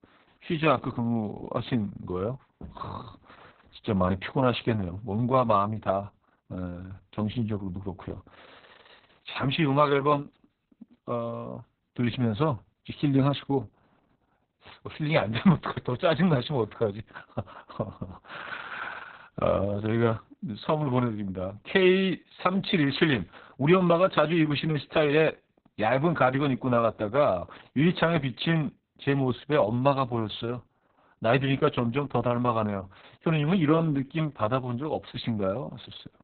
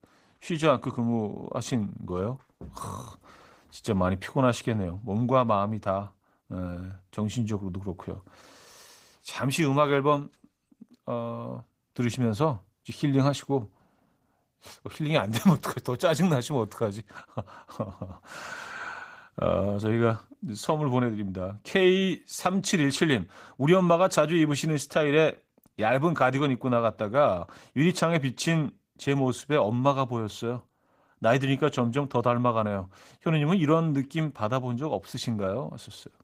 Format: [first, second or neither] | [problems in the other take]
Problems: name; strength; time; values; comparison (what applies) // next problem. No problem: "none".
second | garbled, watery; badly; nothing above 4 kHz; slightly in the second